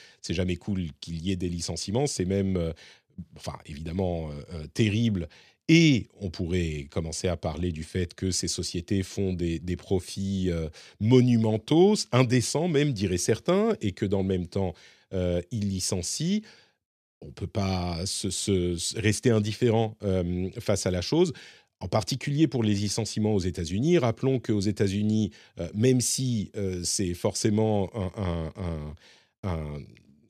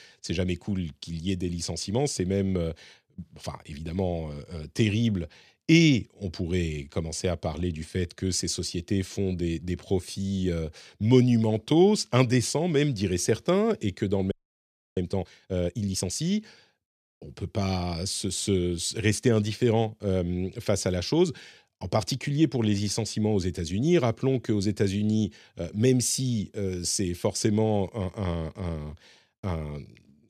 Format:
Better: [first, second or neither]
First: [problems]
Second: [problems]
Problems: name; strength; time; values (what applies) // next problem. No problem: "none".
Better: first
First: none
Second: audio freezing; at 14 s for 0.5 s